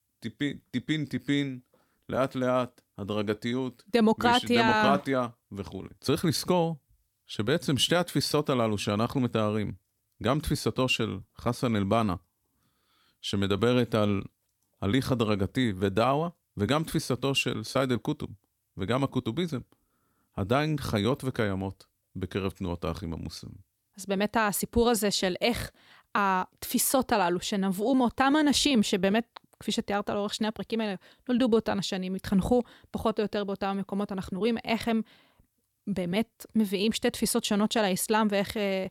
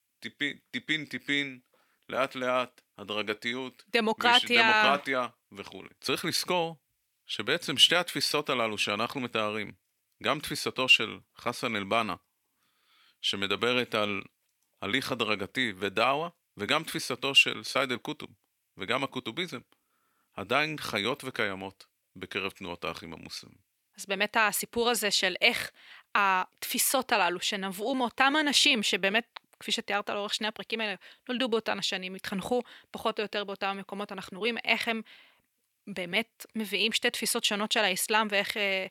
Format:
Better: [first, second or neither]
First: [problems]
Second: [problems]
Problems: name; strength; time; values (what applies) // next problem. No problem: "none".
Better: first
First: none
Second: thin; somewhat; fading below 1 kHz